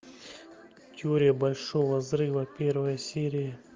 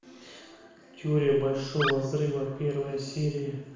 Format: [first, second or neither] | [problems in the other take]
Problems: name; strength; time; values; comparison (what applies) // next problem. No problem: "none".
first | background sound (Animal); 6 dB below the speech // room echo; dies away in 0.9 s